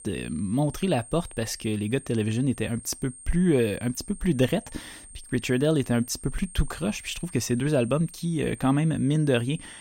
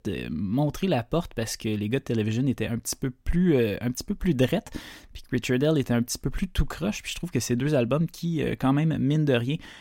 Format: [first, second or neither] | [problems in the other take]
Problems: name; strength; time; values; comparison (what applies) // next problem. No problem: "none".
second | high-pitched whine; noticeable; throughout; 8.5 kHz, 15 dB below the speech